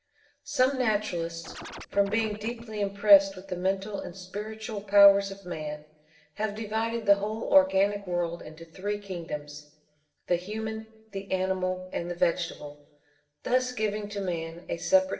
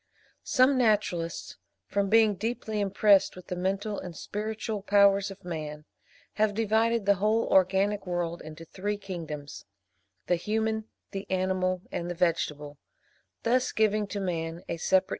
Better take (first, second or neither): second